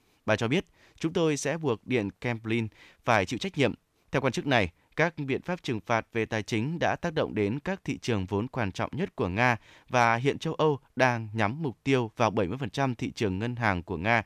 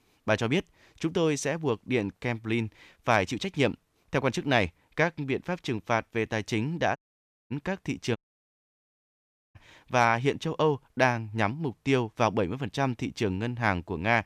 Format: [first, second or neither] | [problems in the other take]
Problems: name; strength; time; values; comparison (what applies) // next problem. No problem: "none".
first | audio cutting out; at 7 s for 0.5 s and at 8 s for 1.5 s